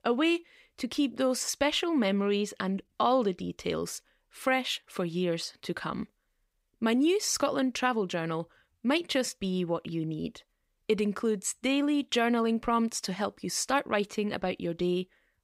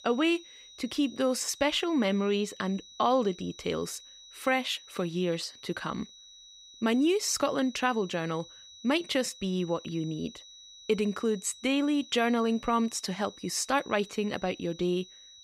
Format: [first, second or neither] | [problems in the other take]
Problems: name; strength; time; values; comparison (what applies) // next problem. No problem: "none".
first | high-pitched whine; noticeable; throughout; 4 kHz, 20 dB below the speech